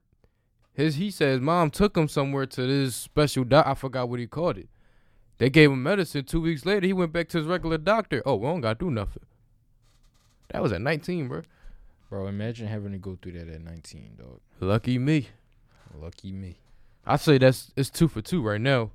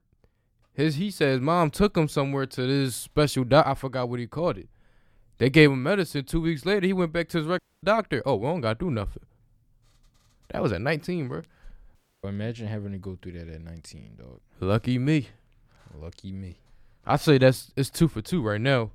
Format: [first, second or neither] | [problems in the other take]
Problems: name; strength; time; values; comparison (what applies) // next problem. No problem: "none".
first | audio cutting out; at 7.5 s and at 12 s